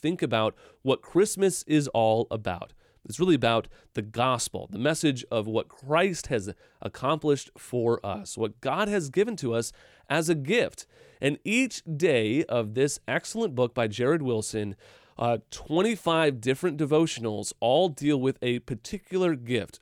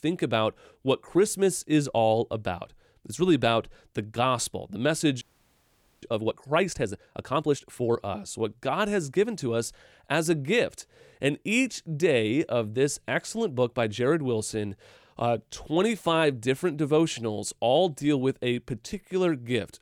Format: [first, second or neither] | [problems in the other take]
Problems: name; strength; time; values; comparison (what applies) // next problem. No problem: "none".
first | audio freezing; at 5 s for 1 s